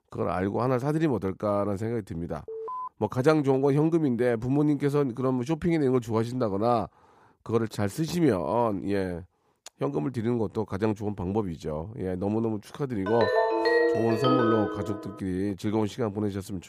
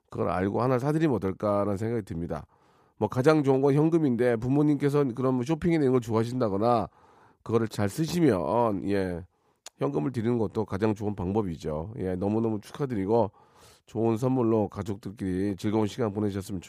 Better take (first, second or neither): second